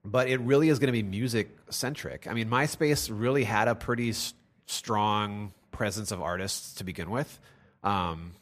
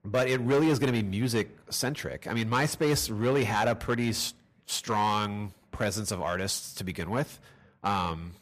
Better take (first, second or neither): first